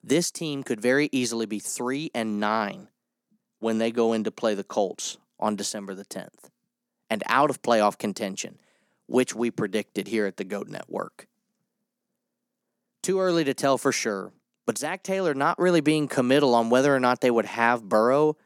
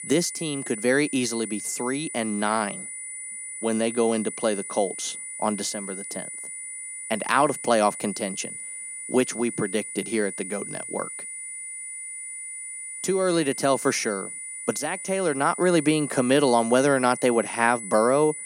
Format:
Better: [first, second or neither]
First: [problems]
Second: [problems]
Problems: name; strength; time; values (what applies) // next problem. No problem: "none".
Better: first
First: none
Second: high-pitched whine; loud; throughout; 9.5 kHz, 8 dB below the speech